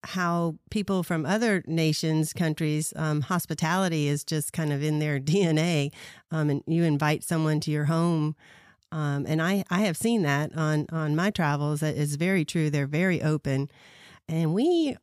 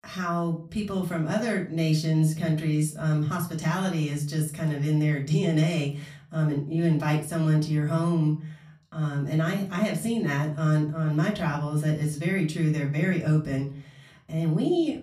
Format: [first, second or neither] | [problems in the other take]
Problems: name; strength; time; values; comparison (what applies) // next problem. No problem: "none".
first | off-mic speech; far // room echo; very slight; dies away in 0.4 s